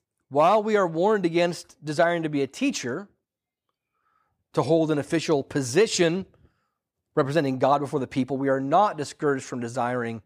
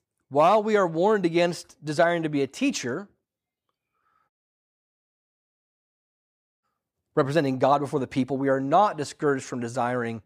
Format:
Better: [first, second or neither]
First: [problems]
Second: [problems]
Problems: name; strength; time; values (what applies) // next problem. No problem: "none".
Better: first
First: none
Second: audio cutting out; at 4.5 s for 2.5 s